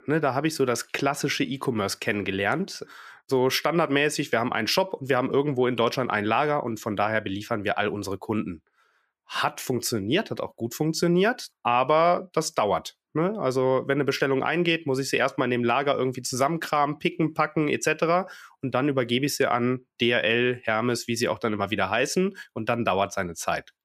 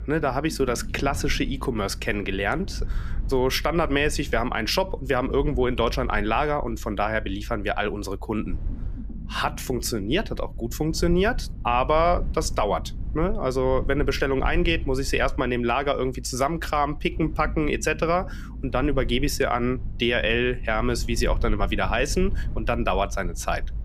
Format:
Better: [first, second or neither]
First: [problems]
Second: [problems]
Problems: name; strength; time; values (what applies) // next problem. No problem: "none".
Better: first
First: none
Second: low rumble; faint; throughout; 25 dB below the speech